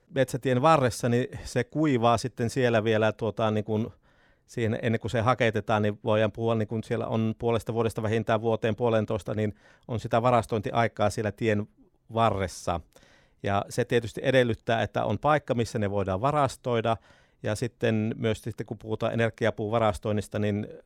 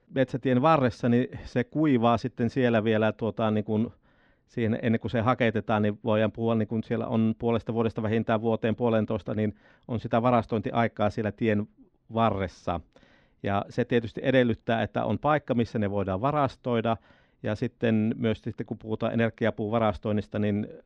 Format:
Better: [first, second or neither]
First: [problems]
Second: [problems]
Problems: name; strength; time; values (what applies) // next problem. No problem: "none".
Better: first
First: none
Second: muffled; slightly; fading above 4 kHz